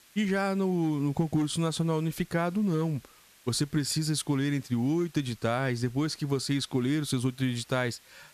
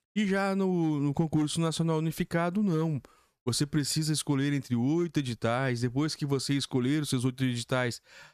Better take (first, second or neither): second